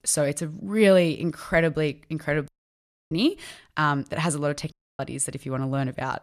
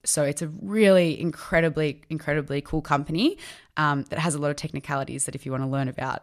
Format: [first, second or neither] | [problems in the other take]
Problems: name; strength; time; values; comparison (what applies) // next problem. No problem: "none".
second | audio cutting out; at 2.5 s for 0.5 s and at 4.5 s